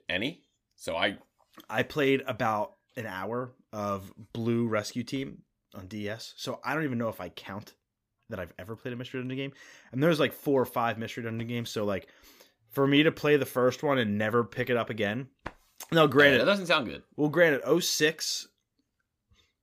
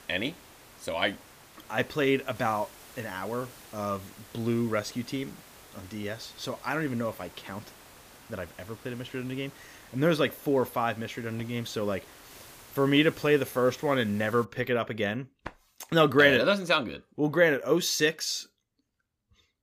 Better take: first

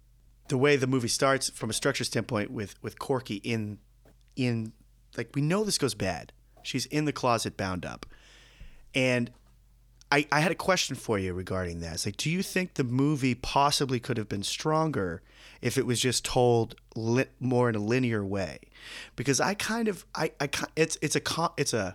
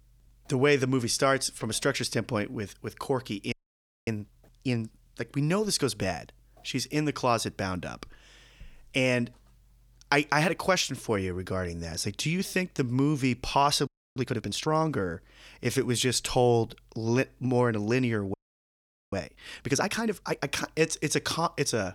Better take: first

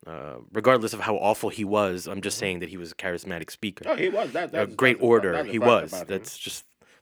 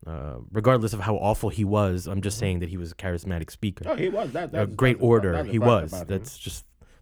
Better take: second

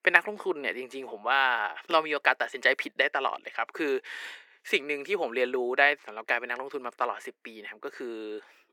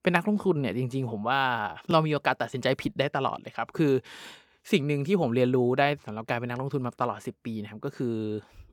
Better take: second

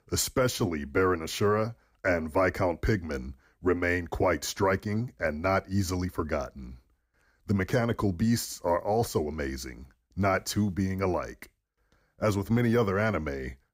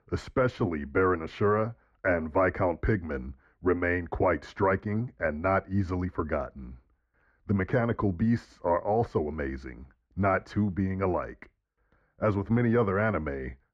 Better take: first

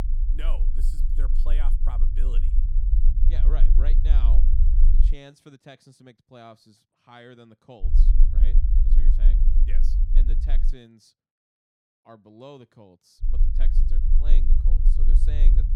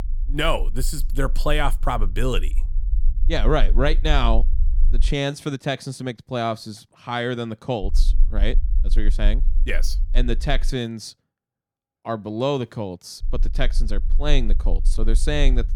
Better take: second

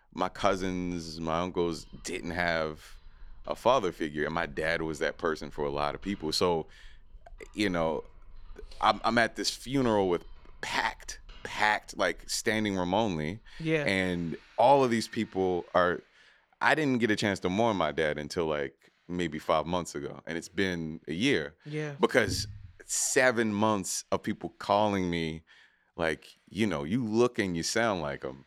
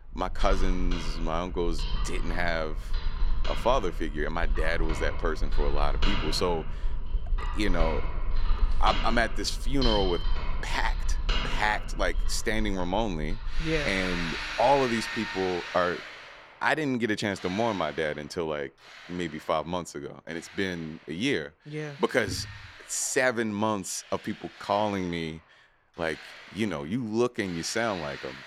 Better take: first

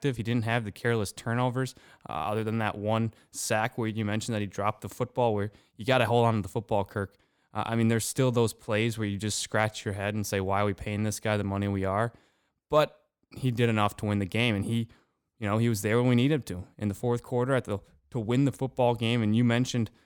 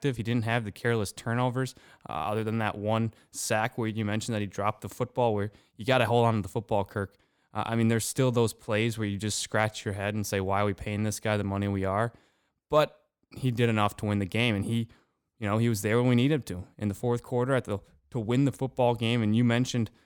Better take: neither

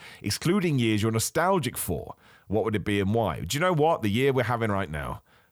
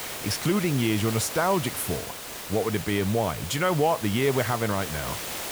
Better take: first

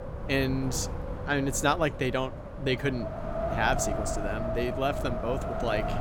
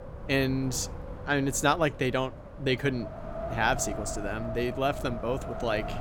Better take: second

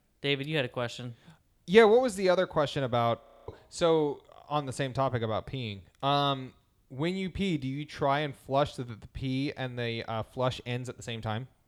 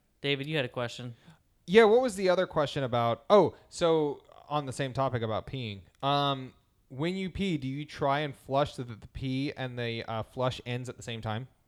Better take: second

